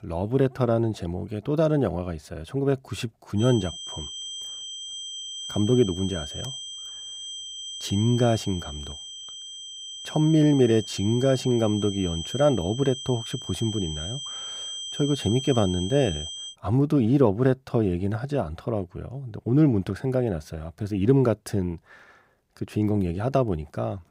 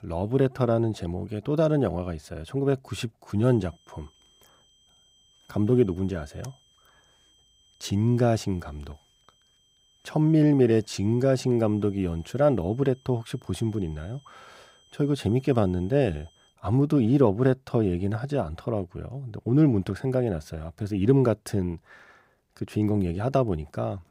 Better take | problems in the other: second | high-pitched whine; loud; from 3.5 to 17 s; 3 kHz, 9 dB below the speech; faint in the second

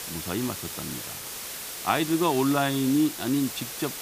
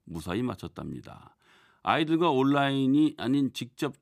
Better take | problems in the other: second | hiss; loud; throughout; 8 dB below the speech

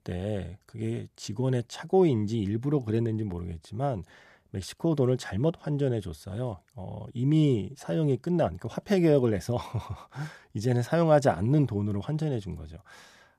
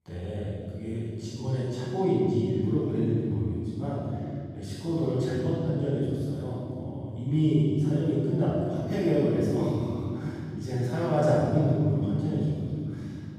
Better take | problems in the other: first | off-mic speech; far // room echo; strong; dies away in 2.8 s

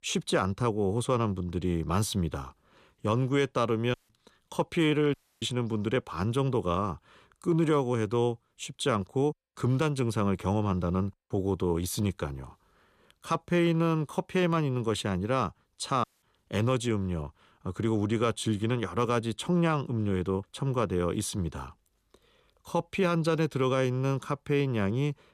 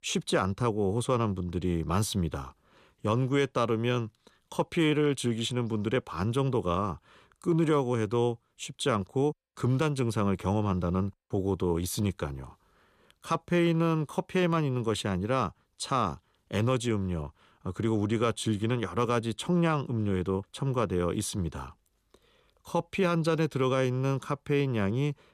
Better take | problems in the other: second | audio cutting out; at 4 s, at 5 s and at 16 s

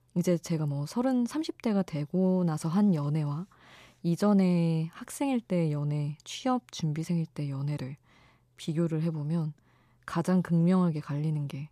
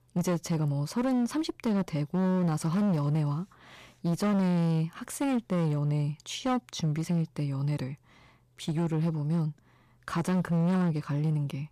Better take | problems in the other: first | distortion; slight; 16% of the sound clipped

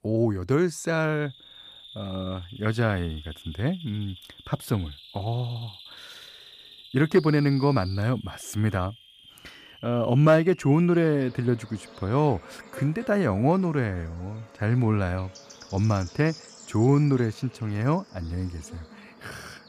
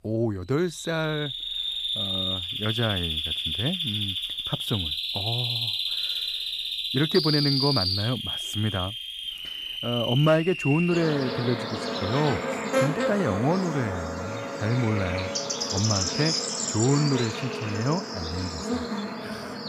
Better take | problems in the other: first | animal sounds; loud; throughout; as loud as the speech; faint in the first

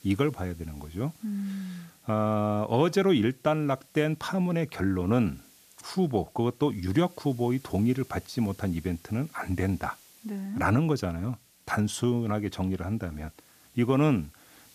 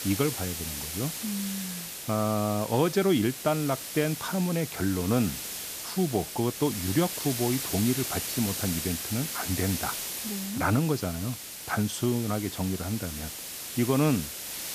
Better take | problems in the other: first | hiss; loud; throughout; 5 dB below the speech; faint in the first

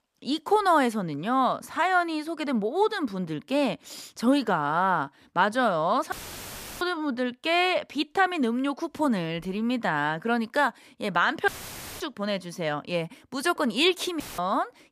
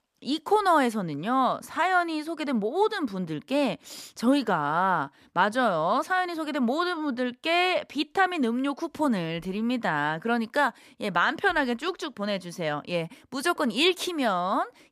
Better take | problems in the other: second | audio cutting out; filled with static; at 6 s for 0.5 s, at 11 s for 0.5 s and at 14 s

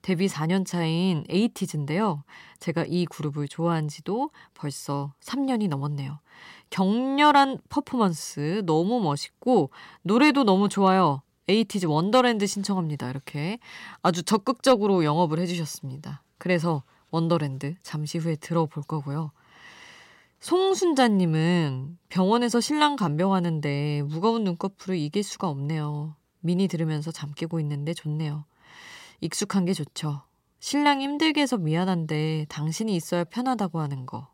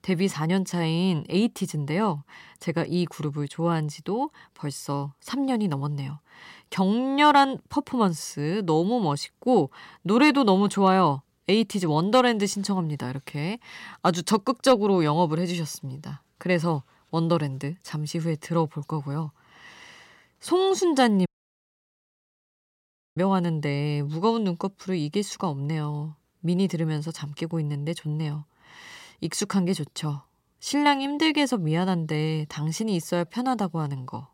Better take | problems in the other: first | audio cutting out; at 21 s for 2 s

